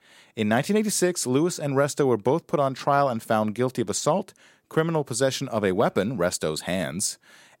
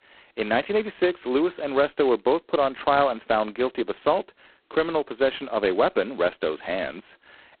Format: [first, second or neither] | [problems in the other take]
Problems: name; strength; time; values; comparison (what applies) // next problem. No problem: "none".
first | phone-call audio; poor line; nothing above 4 kHz